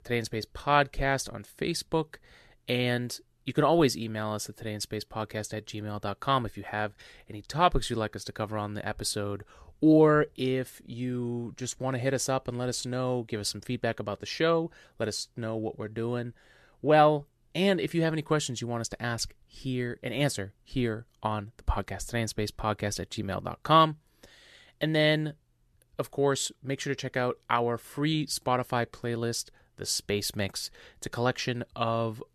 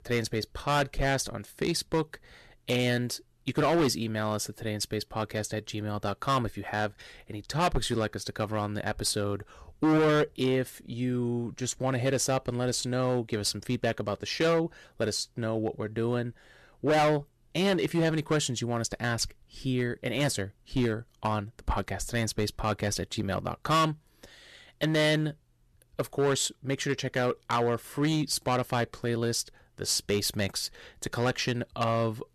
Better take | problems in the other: first | distortion; heavy; 6% of the sound clipped

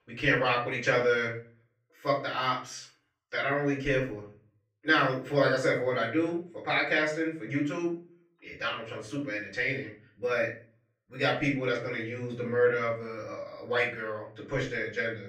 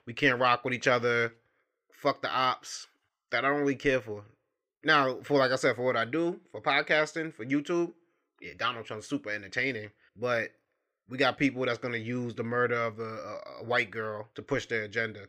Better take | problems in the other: second | off-mic speech; far // room echo; slight; dies away in 0.4 s

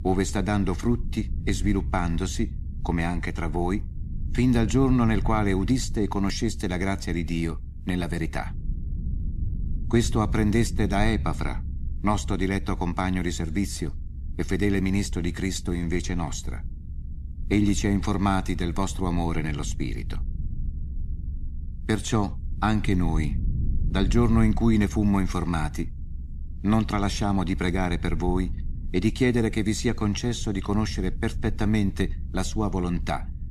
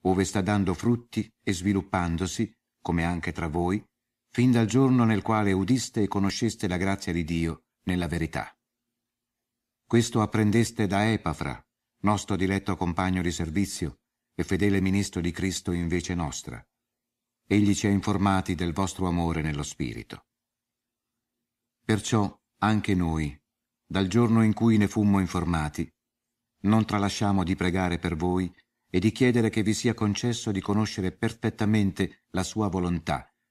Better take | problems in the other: second | low rumble; noticeable; throughout; 20 dB below the speech

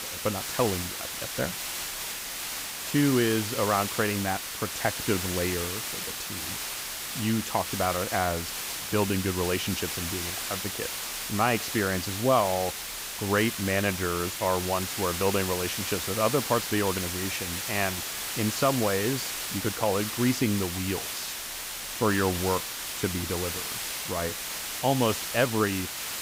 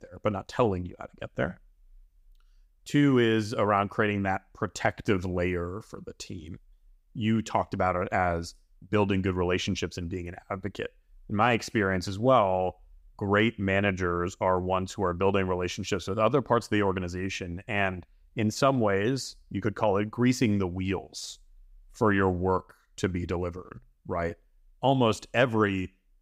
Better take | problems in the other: second | hiss; loud; throughout; 3 dB below the speech

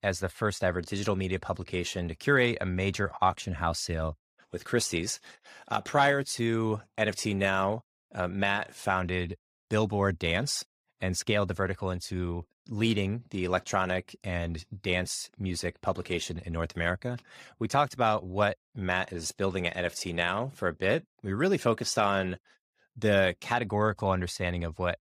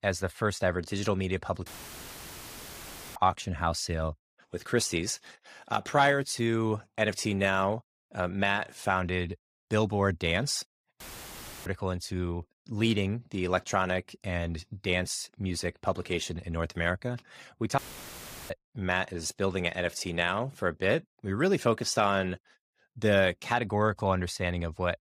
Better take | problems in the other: first | audio cutting out; filled with static; at 1.5 s for 1.5 s, at 11 s for 0.5 s and at 18 s for 0.5 s

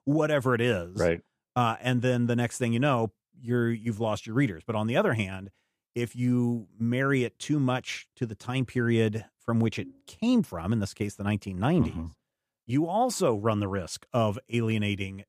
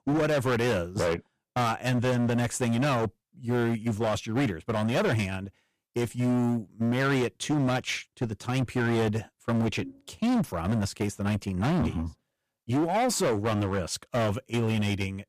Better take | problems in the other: first | distortion; heavy; 18% of the sound clipped

